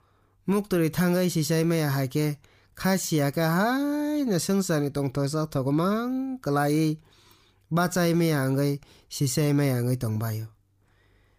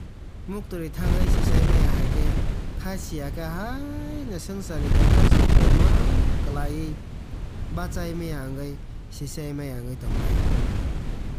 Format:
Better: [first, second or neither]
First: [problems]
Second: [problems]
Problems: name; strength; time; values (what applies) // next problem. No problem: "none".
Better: first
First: none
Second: wind noise on the microphone; heavy; 4 dB above the speech